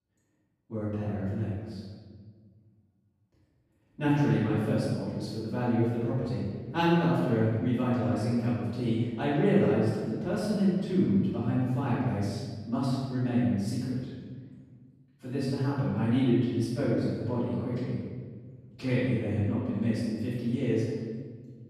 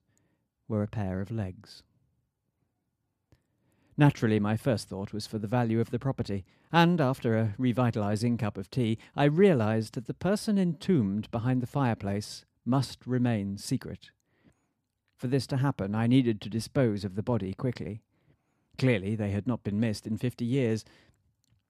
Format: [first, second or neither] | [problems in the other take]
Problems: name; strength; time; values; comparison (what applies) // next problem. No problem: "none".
second | off-mic speech; far // room echo; strong; dies away in 1.5 s